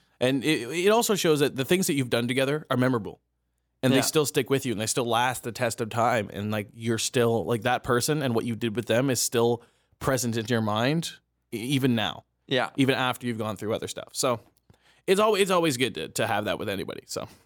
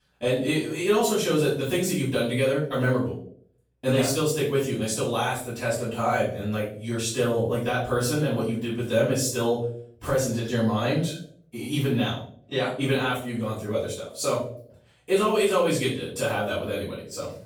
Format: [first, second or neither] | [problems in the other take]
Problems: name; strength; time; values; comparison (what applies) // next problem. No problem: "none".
first | off-mic speech; far // room echo; noticeable; dies away in 0.5 s